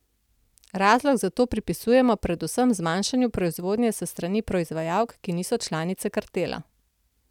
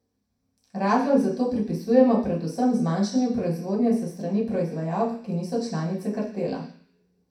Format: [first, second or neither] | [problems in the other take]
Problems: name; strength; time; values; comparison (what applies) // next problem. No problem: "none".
first | room echo; dies away in 0.6 s